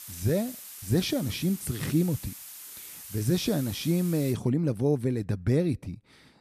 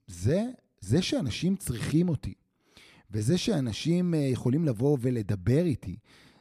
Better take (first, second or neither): second